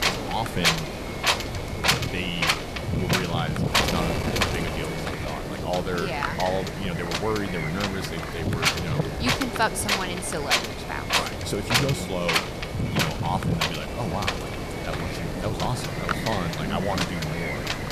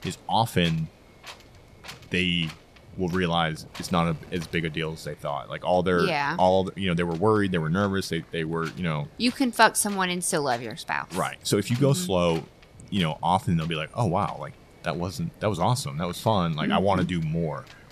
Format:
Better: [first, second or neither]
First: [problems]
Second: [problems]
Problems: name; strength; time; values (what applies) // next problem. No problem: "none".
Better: second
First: wind noise on the microphone; heavy; 4 dB above the speech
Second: wind noise on the microphone; occasional gusts; 20 dB below the speech